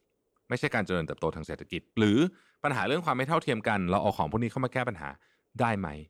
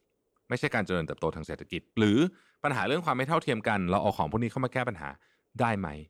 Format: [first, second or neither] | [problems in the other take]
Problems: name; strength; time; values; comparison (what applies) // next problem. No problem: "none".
neither | none